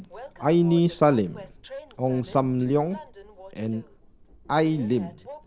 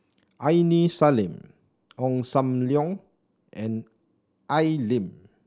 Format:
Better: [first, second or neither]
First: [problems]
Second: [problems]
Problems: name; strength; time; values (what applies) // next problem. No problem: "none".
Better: second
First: background sound (Train); 18 dB below the speech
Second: none